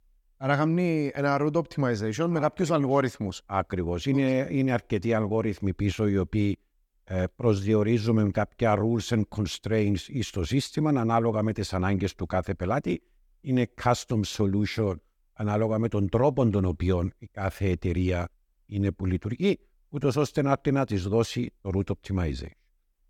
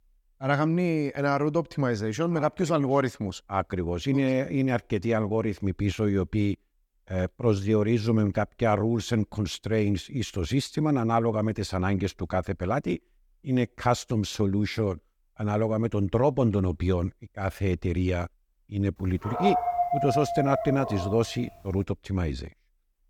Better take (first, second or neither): first